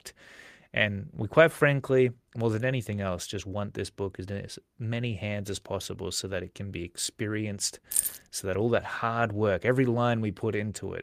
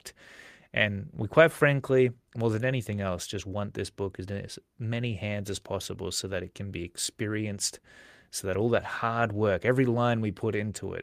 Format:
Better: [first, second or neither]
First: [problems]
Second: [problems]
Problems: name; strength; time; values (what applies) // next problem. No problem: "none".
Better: second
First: jangling keys; loud; at 8 s; peak 2 dB above the speech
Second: none